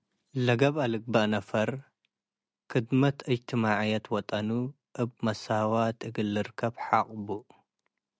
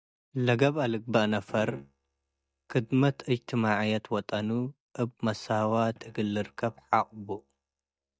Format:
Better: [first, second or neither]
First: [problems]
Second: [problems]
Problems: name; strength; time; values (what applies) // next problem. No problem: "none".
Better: first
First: none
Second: noise reduction (neural mask model DeepFilterNet 3)